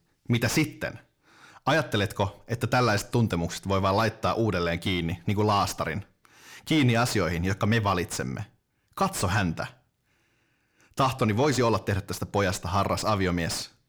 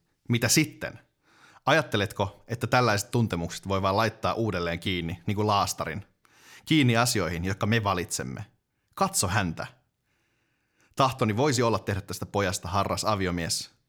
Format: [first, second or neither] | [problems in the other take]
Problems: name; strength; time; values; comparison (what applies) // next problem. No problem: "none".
second | distortion; slight; 10 dB below the speech